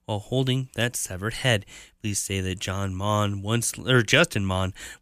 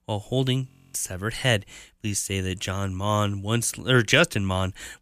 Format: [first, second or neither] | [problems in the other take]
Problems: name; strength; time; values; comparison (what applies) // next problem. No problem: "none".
first | audio freezing; at 0.5 s